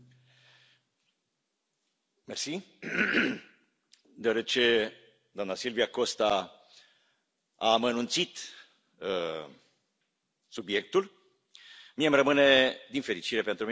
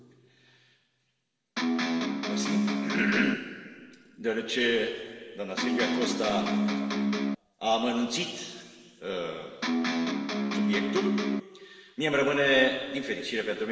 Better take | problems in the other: first | background sound (Electric guitar); 3 dB above the speech // room echo; dies away in 2.1 s

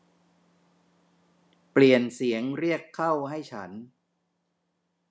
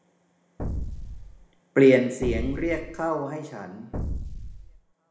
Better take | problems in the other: first | background sound (Explosion); 6 dB below the speech // room echo; dies away in 0.8 s

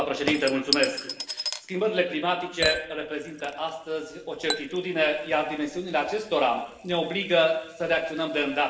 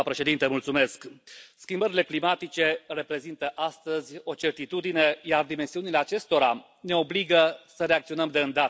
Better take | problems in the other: second | background sound (Chink, clink / Liquid); 10 dB below the speech // room echo; dies away in 0.8 s

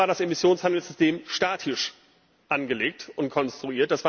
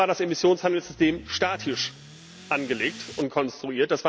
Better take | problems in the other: first | background sound (Accelerating, revving, vroom / Car); 18 dB below the speech

